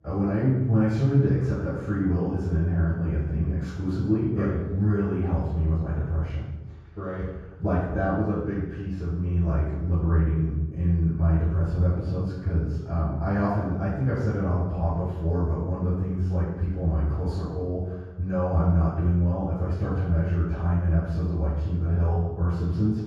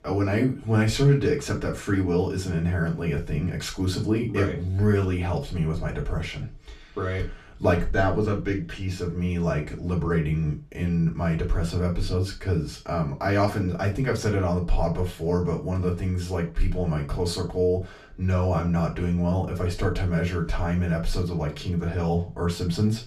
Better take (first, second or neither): second